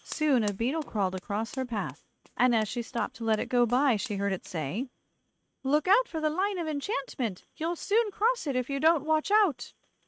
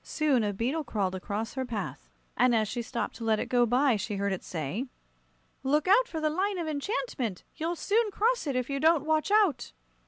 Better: second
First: noise reduction (neural mask model RNNoise)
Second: none

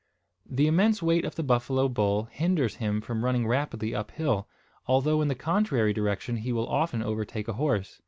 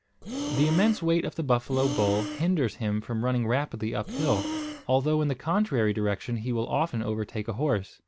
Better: first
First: none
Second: background sound (Breathing); 8 dB below the speech

